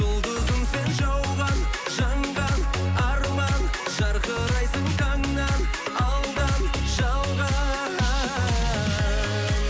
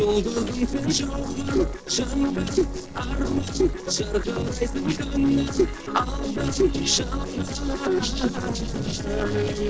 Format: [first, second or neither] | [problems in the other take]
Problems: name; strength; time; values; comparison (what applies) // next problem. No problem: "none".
first | noise reduction (neural separator model SepFormer DNS4)